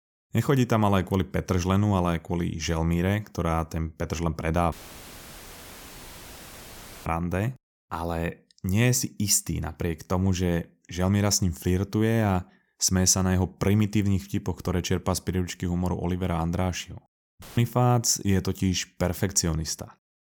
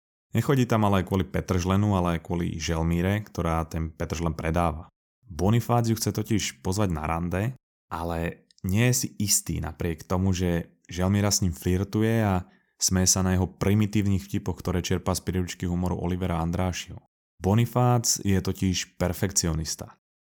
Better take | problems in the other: second | audio cutting out; filled with static; at 4.5 s for 2.5 s and at 17 s

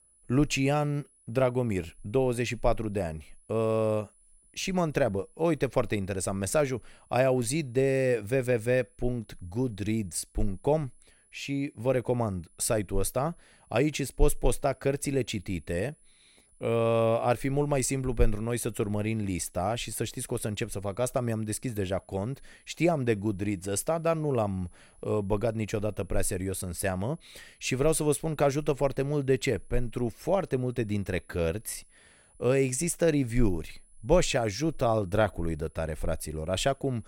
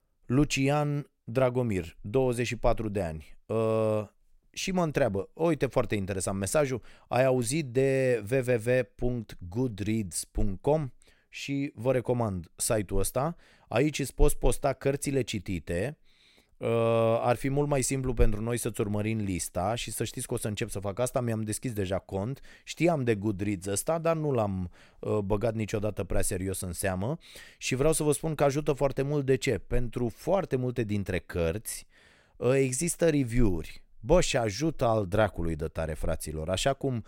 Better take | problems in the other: second | high-pitched whine; faint; throughout; 10 kHz, 30 dB below the speech

